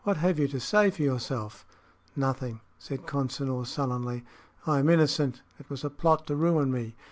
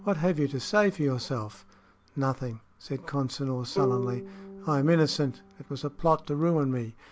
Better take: first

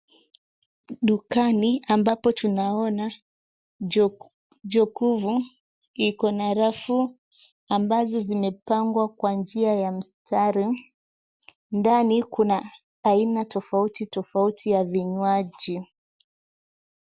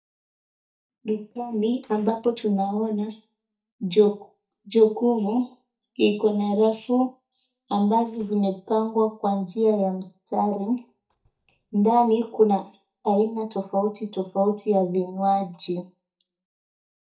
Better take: first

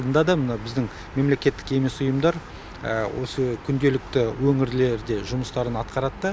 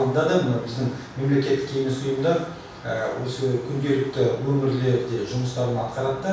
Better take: first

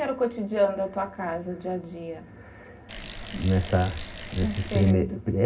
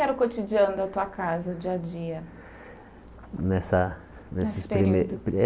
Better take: second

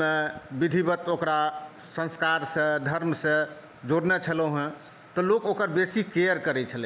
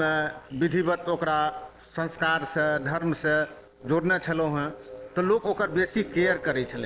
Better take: first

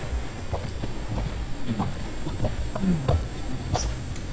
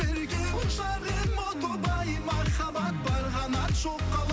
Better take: second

